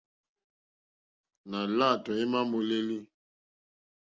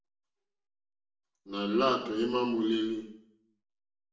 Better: first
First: none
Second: room echo; dies away in 0.6 s

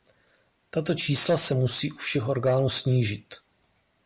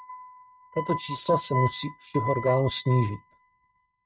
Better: first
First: none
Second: noise reduction (neural mask model RNNoise)

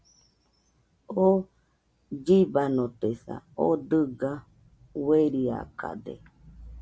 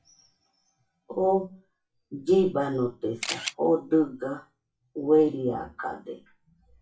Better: first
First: none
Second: noise reduction (classical method WPE with log-MMSE)

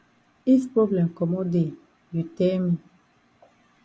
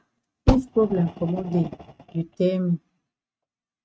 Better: first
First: none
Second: noise reduction (neural mask model RNNoise)

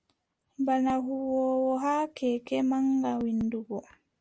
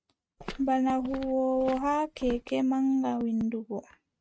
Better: first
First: none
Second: noise reduction (neural mask model RNNoise)

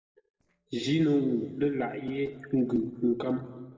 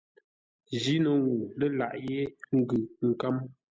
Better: second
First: noise reduction (neural separator model SepFormer DNS4)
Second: none

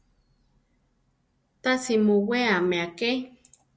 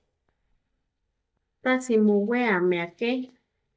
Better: first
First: none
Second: noise reduction (neural mask model DeepFilterNet 3)

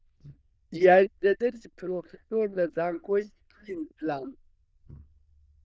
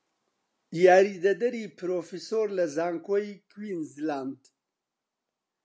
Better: second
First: noise reduction (neural diffusion model UNIVERSE++)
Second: none

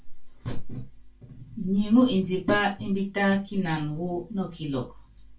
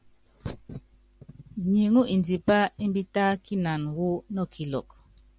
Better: second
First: room echo; dies away in 0.2 s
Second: none

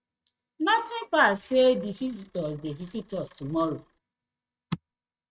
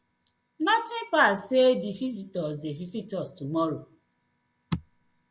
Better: second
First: noise reduction (neural mask model RNNoise)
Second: none

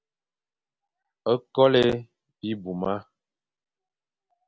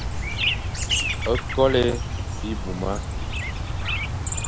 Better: first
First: none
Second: background sound (Chirp, tweet); 2 dB above the speech

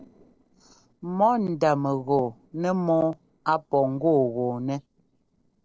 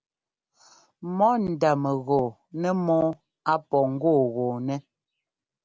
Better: second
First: noise reduction (neural separator model SepFormer DNS4)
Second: none

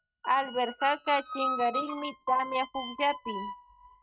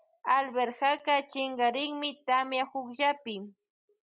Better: second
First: noise reduction (neural mask model RNNoise)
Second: none

